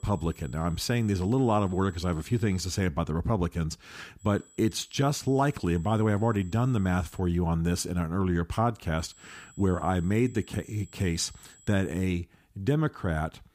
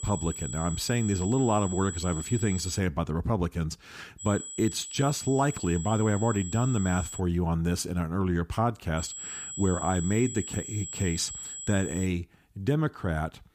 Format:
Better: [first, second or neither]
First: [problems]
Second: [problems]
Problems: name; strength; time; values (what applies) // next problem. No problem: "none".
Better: first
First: high-pitched whine; faint; until 3 s, from 4 to 7 s and from 9 to 12 s; 8 kHz, 25 dB below the speech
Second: high-pitched whine; loud; until 3 s, from 4 to 7 s and from 9 to 12 s; 8 kHz, 8 dB below the speech